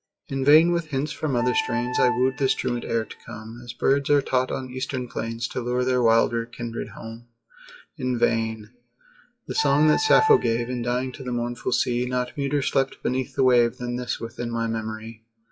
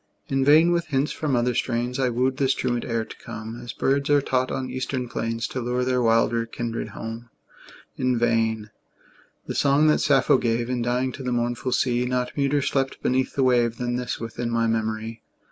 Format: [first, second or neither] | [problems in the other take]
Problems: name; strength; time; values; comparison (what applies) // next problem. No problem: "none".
second | noise reduction (classical method WPE with log-MMSE)